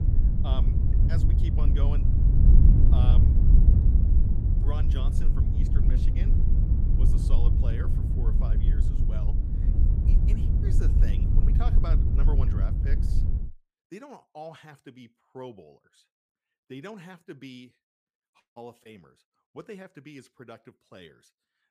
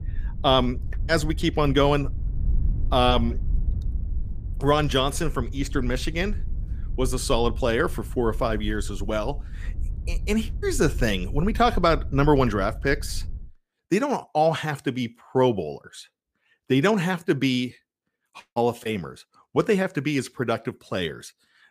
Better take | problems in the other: second | wind noise on the microphone; heavy; until 13 s; 3 dB above the speech; occasional gusts in the second

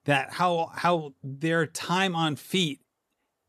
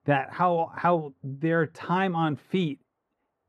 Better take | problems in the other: first | muffled; very; fading above 3.5 kHz

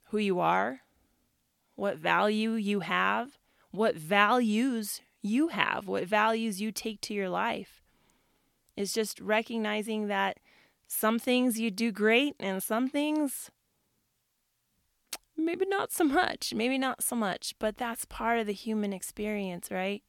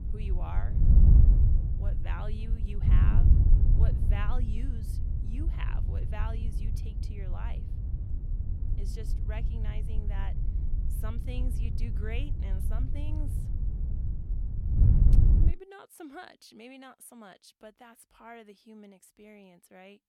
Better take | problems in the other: first | wind noise on the microphone; heavy; until 16 s; 1 dB above the speech

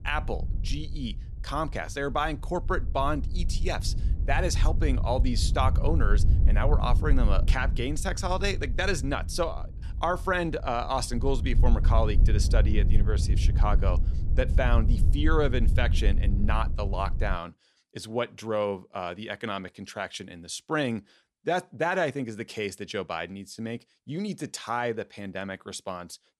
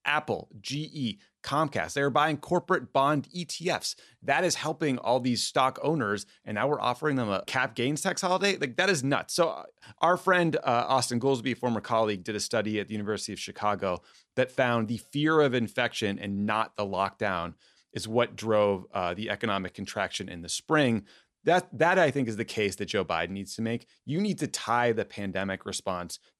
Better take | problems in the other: second | wind noise on the microphone; occasional gusts; until 17 s; 15 dB below the speech

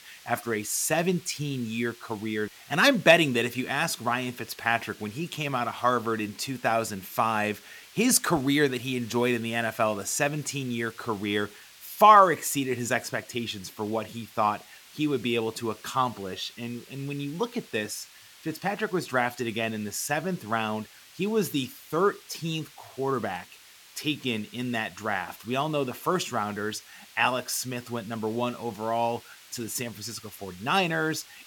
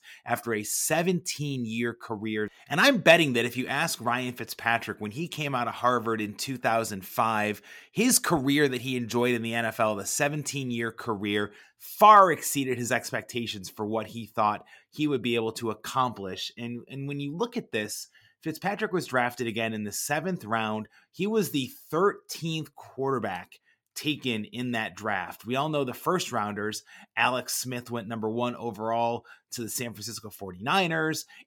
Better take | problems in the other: second | hiss; faint; throughout; 20 dB below the speech

